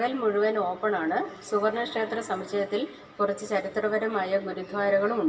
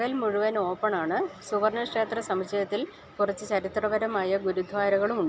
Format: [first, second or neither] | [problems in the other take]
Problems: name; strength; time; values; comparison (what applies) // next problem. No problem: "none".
second | room echo; dies away in 0.7 s